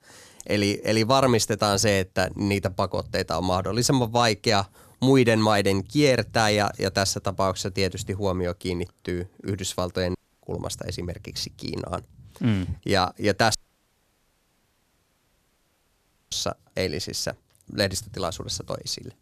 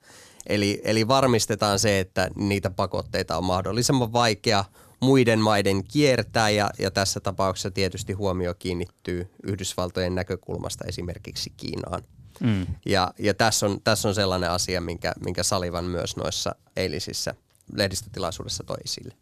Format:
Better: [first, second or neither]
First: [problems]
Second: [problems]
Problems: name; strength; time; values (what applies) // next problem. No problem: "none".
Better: second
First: audio cutting out; at 10 s and at 14 s for 3 s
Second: none